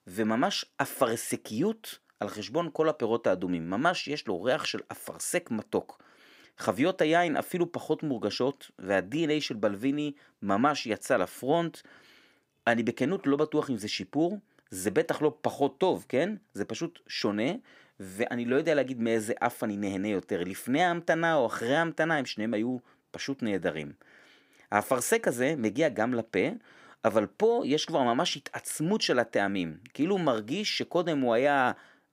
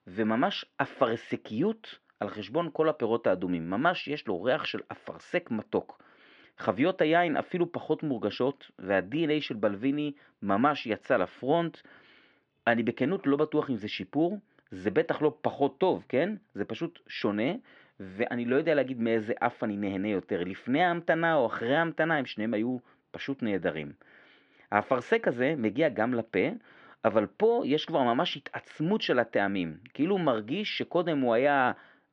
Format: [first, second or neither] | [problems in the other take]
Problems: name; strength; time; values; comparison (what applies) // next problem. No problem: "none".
first | muffled; slightly; fading above 3.5 kHz